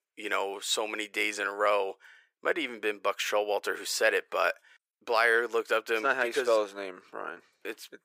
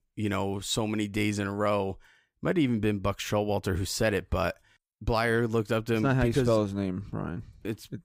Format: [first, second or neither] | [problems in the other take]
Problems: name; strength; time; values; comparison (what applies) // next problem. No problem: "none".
second | thin; very; fading below 450 Hz